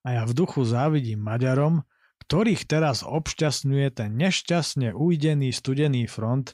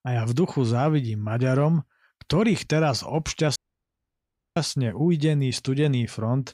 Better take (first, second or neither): first